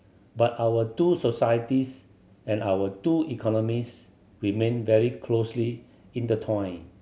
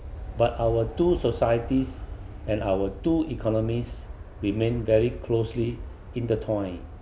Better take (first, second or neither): first